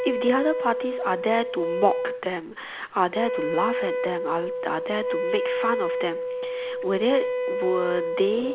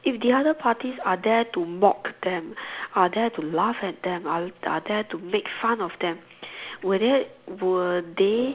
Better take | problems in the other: second | background sound (Wind instrument, woodwind instrument); 1 dB below the speech

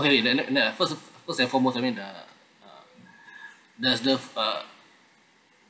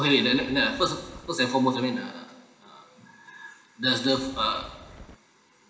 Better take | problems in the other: first | background sound (Wind); 18 dB below the speech // room echo; dies away in 0.8 s

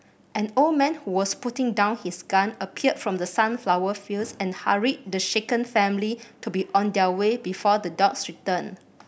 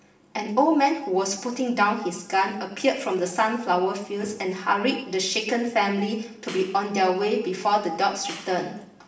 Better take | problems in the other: first | background sound (Clapping); 19 dB below the speech // room echo; dies away in 0.7 s

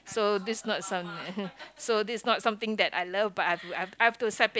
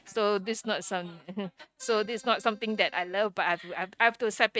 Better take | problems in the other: first | noise reduction (neural mask model RNNoise)

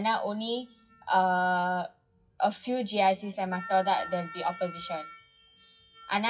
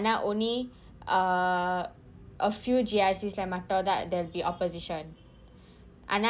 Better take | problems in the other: second | noise reduction (classical method WPE with log-MMSE)

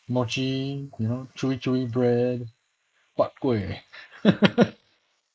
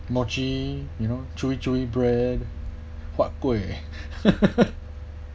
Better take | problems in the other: second | noise reduction (neural mask model Resemble Enhance denoiser)

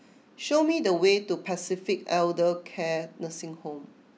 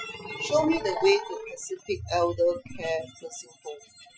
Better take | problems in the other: first | noise reduction (classical method Wiener filter)

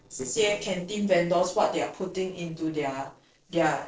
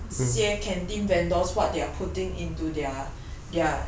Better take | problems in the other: second | noise reduction (neural separator model SepFormer DNS4)

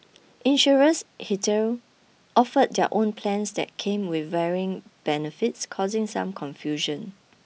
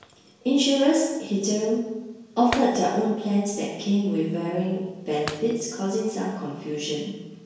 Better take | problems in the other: first | background sound (Shatter); 19 dB below the speech // room echo; dies away in 1 s

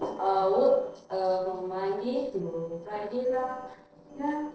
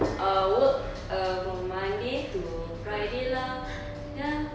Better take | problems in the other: second | noise reduction (neural separator model SepFormer DNS4)

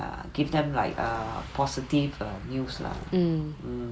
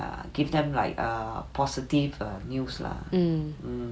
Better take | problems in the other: second | background sound (Car passing by + Mechanisms); 17 dB below the speech

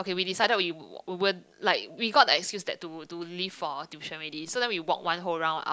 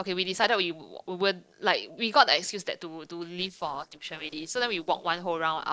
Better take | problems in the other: first | noise reduction (neural separator model SepFormer DNS4)

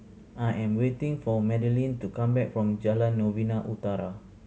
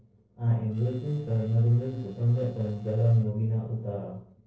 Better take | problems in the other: first | noise reduction (neural separator model SepFormer DNS4)

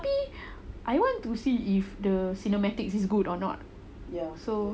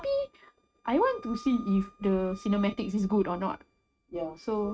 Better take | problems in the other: first | noise reduction (neural mask model RNNoise)

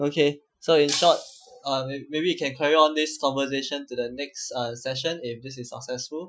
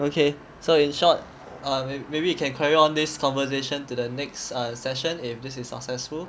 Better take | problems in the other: second | noise reduction (classical method Wiener filter)

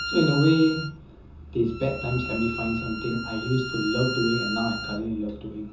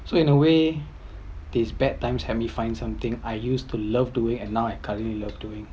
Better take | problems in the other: second | background sound (Bowed string instrument); 8 dB below the speech // room echo; dies away in 0.6 s

